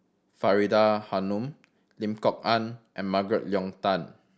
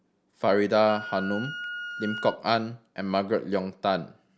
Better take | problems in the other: first | background sound (Wind instrument, woodwind instrument); 11 dB below the speech

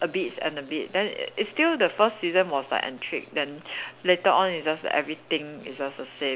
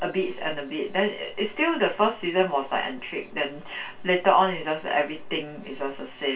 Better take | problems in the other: first | room echo; dies away in 0.2 s

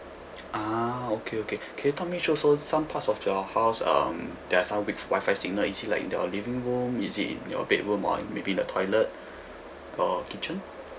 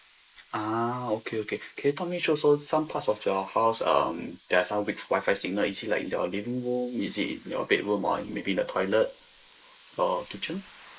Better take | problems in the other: first | noise reduction (neural mask model Resemble Enhance denoiser)

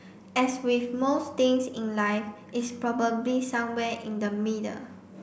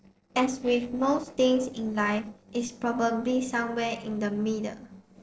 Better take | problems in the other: first | noise reduction (neural separator model SepFormer DNS4)

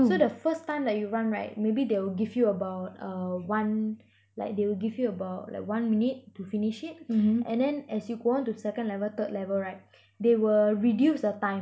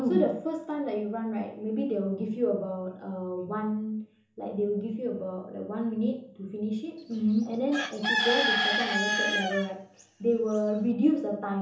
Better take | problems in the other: first | background sound (Bird / Chicken, rooster); 1 dB below the speech // room echo; dies away in 0.6 s

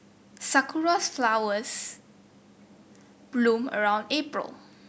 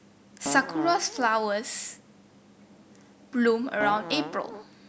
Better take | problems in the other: first | background sound (Fart); 7 dB below the speech

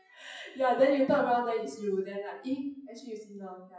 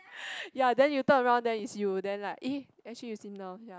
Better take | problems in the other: second | noise reduction (classical method WPE with log-MMSE)

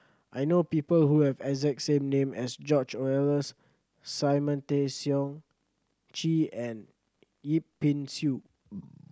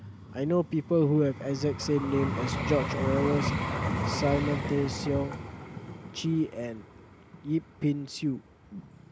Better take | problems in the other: first | background sound (Vehicle); 4 dB below the speech

